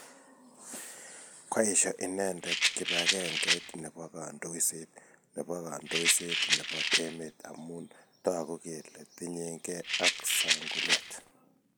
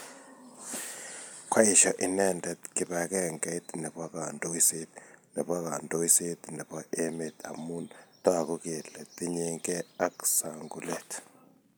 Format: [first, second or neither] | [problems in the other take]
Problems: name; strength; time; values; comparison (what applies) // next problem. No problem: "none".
second | background sound (Rattle); 5 dB above the speech